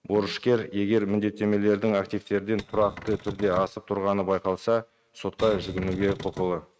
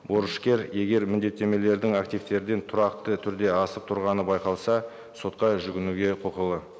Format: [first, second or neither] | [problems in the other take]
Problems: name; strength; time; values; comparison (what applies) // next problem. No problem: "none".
second | noise reduction (neural mask model RNNoise)